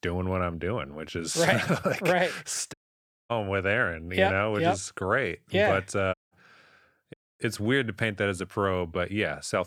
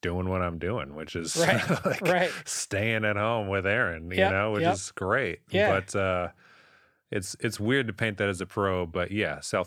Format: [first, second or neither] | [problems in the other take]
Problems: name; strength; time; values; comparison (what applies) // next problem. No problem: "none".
second | audio cutting out; at 2.5 s for 0.5 s, at 6 s and at 7 s